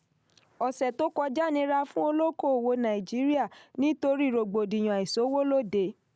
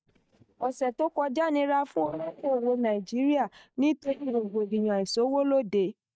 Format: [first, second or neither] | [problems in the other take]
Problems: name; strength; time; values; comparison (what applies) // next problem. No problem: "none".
first | noise reduction (neural mask model DeepFilterNet 3)